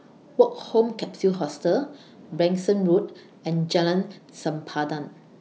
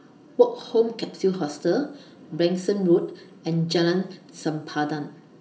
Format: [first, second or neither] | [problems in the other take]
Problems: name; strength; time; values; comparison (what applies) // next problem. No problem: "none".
first | room echo; dies away in 0.6 s